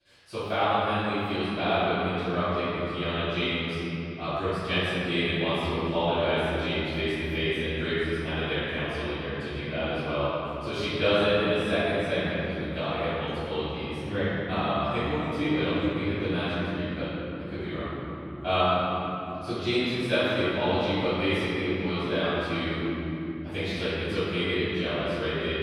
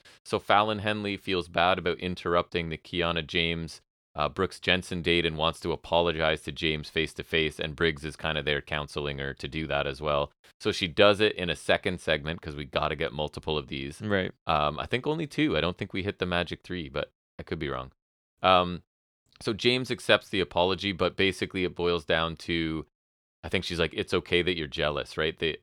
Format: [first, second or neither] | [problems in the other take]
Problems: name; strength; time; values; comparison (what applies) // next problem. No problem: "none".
second | room echo; strong; dies away in 3 s // off-mic speech; far